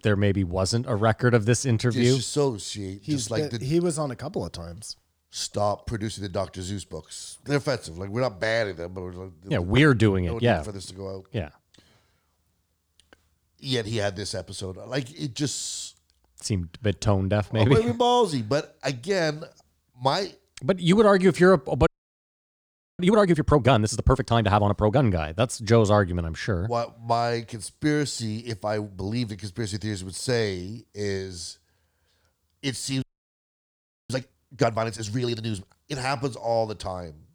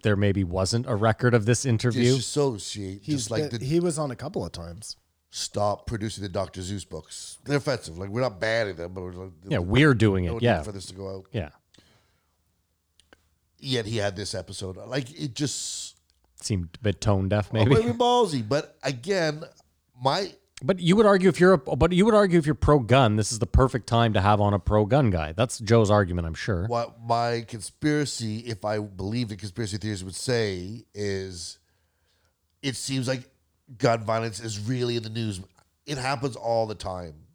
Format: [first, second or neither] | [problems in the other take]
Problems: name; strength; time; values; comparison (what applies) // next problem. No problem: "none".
second | audio freezing; at 22 s for 1 s and at 33 s for 1 s